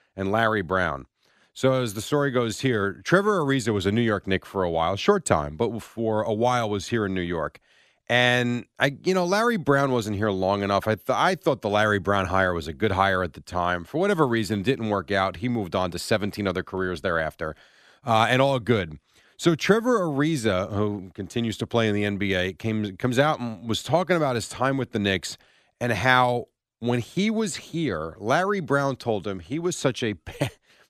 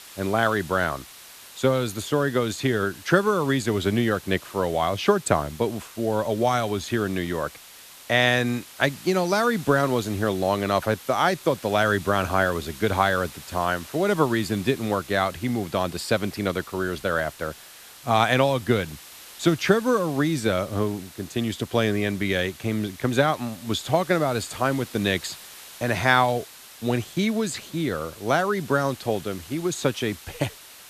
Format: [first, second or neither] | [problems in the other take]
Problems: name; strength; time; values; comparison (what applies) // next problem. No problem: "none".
first | hiss; noticeable; throughout; 20 dB below the speech